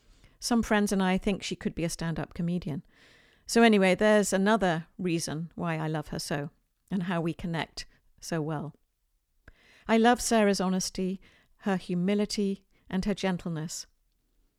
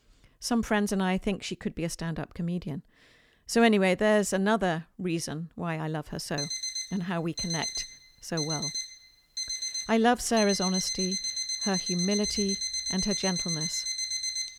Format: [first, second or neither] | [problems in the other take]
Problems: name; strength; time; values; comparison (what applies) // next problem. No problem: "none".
first | alarm; loud; from 6.5 s on; peak level with the speech